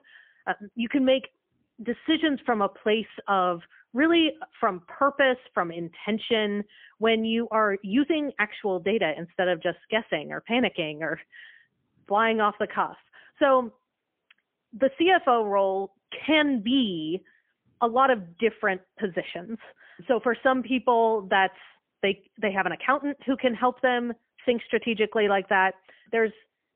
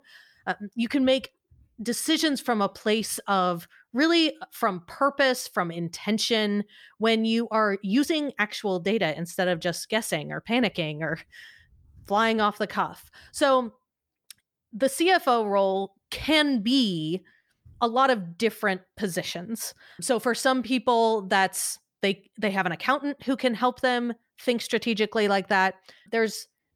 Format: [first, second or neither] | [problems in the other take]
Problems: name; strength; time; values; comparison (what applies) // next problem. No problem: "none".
second | phone-call audio; poor line; nothing above 3.5 kHz